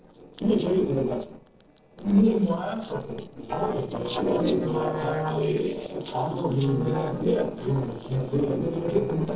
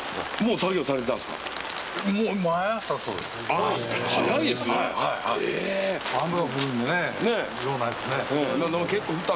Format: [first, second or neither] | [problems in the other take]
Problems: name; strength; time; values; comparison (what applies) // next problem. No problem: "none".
second | noise reduction (neural separator model SepFormer DNS4)